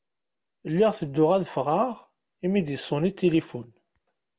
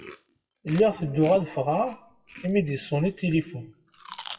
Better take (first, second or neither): first